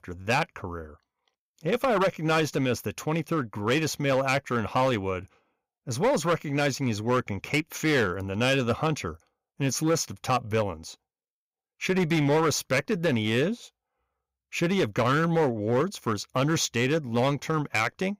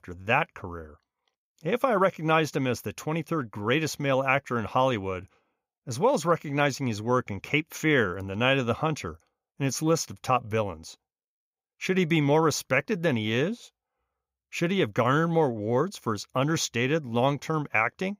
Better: second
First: distortion; slight; 6% of the sound clipped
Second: none

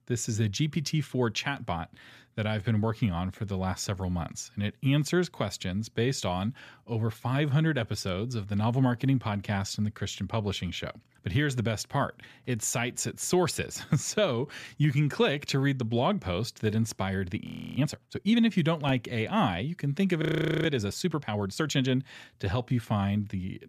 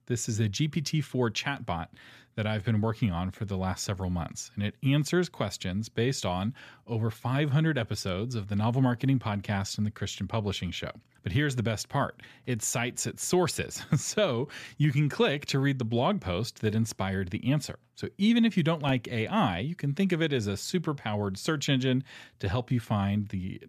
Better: second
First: audio freezing; at 17 s and at 20 s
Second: none

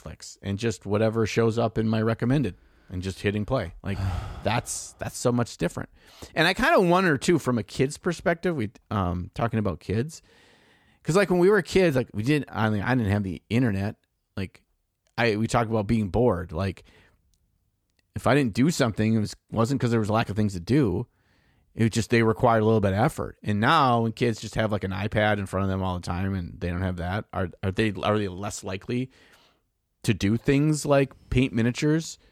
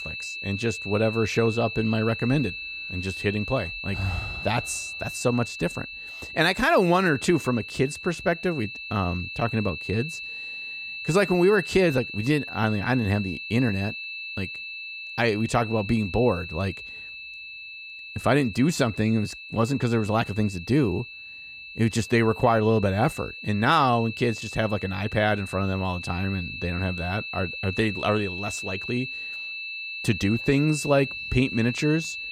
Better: first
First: none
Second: high-pitched whine; loud; throughout; 2.5 kHz, 9 dB below the speech

